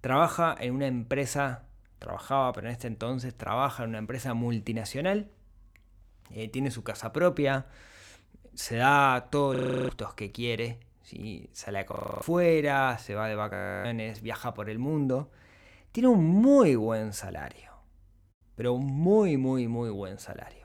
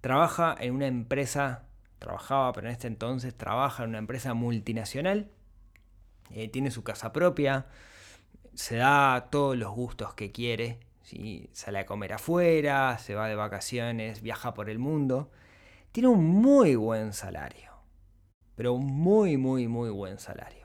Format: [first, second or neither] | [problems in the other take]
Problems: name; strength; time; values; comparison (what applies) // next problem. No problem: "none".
second | audio freezing; at 9.5 s, at 12 s and at 14 s